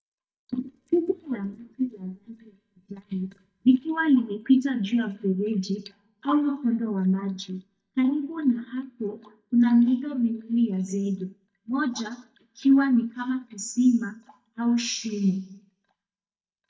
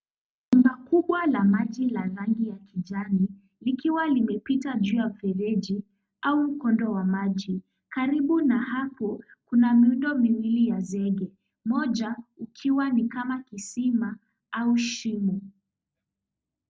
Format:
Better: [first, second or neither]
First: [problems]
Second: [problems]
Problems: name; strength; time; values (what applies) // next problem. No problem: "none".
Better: second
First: noise reduction (neural mask model DeepFilterNet 3)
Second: none